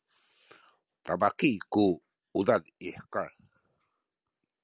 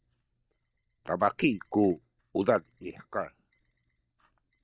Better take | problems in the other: first | noise reduction (neural mask model DeepFilterNet 3)

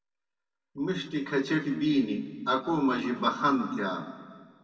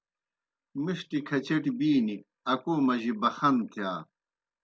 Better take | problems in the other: second | room echo; dies away in 1.6 s

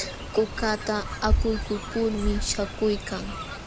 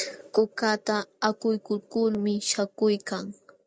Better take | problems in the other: second | background sound (Fowl); 2 dB below the speech

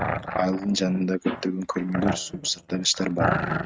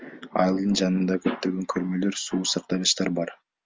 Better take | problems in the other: second | noise reduction (neural mask model RNNoise)

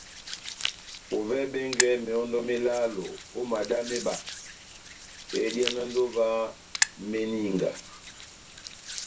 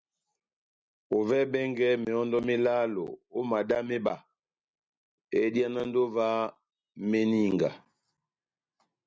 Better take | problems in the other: second | background sound (Hands); 6 dB below the speech // room echo; dies away in 0.2 s

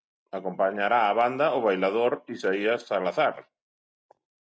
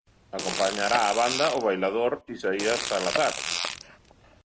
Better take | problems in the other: first | background sound (Fart); 6 dB below the speech

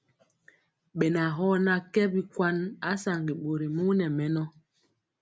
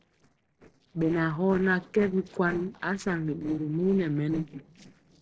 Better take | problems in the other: first | noise reduction (neural separator model SepFormer DNS4)

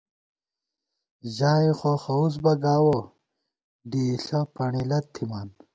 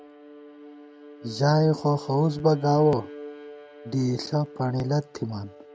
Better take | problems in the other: first | background sound (Bowed string instrument); 18 dB below the speech

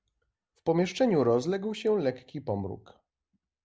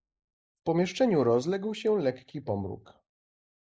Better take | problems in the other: first | noise reduction (neural mask model Resemble Enhance denoiser)

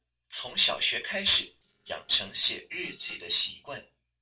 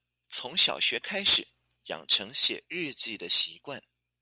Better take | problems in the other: second | noise reduction (neural separator model SepFormer DNS4)

